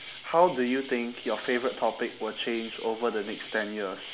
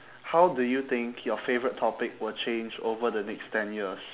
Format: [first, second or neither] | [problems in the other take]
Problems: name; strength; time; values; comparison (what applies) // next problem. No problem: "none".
second | background sound (Insect); 16 dB below the speech